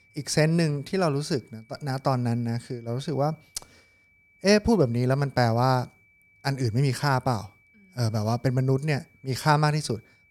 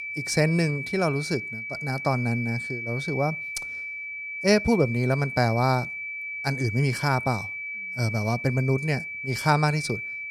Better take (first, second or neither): first